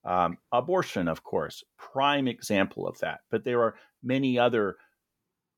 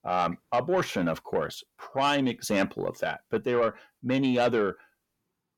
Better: first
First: none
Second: distortion; slight; 10 dB below the speech

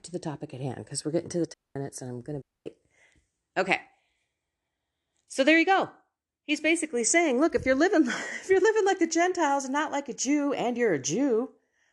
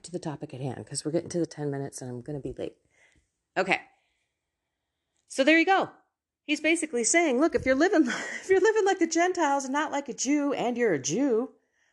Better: second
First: audio cutting out; at 1.5 s and at 2.5 s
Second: none

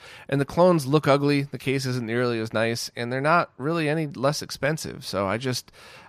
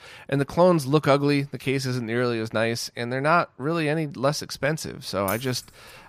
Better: first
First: none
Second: jangling keys; faint; at 5.5 s; peak 10 dB below the speech

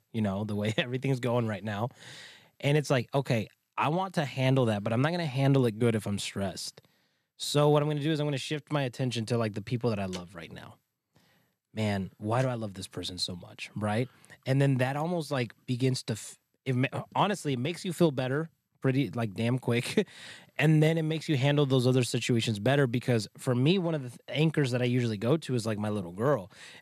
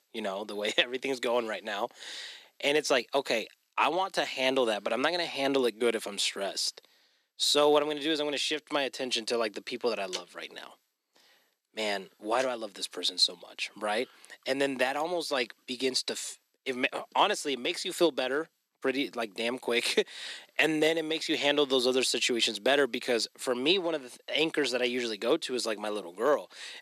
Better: first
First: none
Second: thin; somewhat; fading below 300 Hz

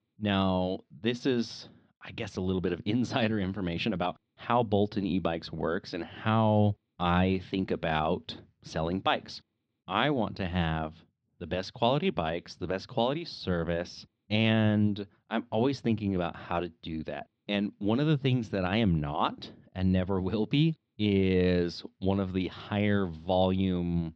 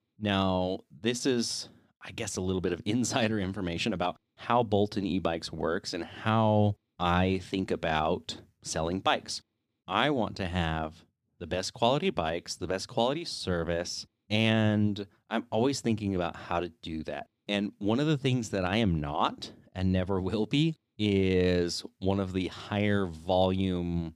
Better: second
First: muffled; very slightly; fading above 4.5 kHz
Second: none

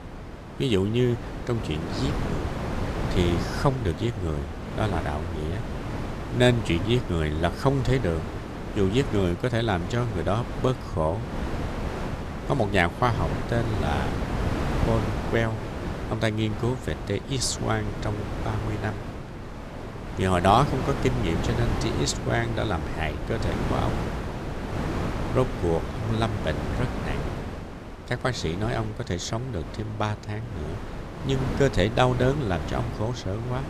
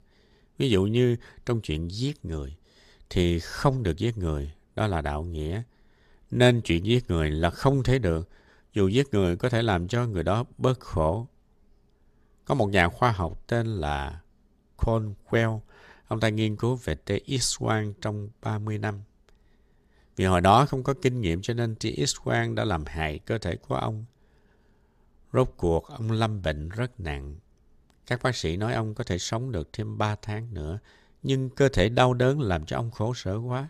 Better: second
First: wind noise on the microphone; heavy; 7 dB below the speech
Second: none

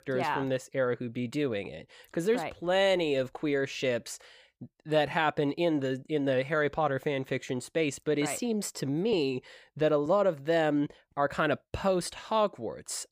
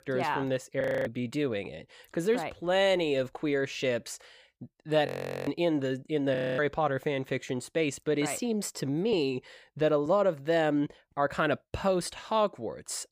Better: first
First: none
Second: audio freezing; at 1 s, at 5 s and at 6.5 s

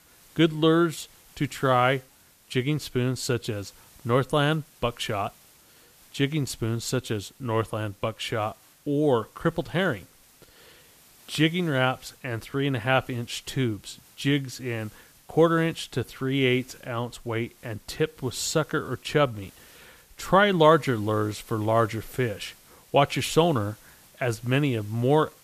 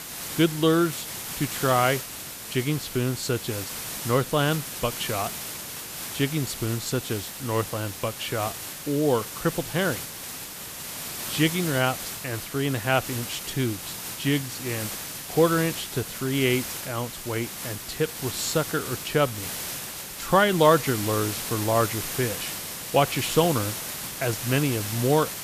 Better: first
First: hiss; faint; throughout; 25 dB below the speech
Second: hiss; loud; throughout; 6 dB below the speech

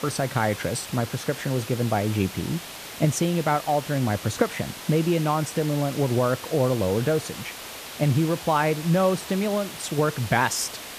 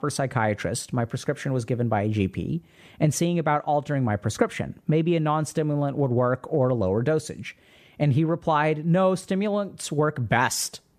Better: second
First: hiss; noticeable; throughout; 10 dB below the speech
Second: none

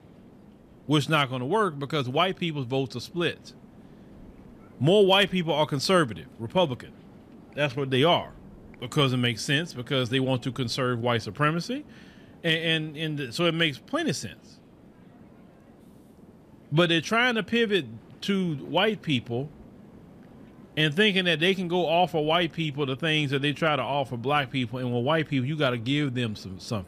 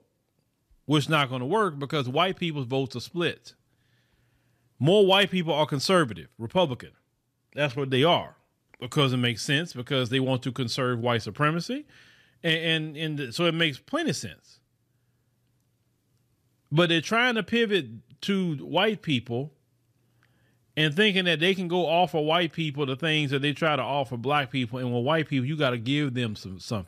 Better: second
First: hiss; faint; throughout; 25 dB below the speech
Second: none

